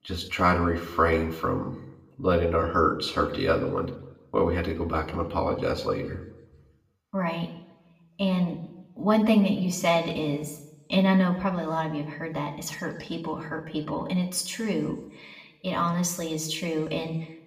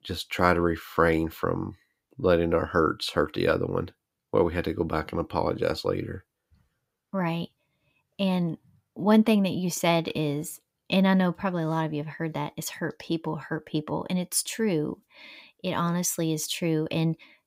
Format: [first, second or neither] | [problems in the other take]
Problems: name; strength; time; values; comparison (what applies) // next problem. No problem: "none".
second | room echo; slight; dies away in 0.7 s // off-mic speech; somewhat distant